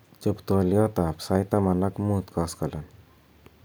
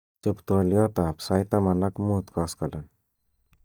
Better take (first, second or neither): first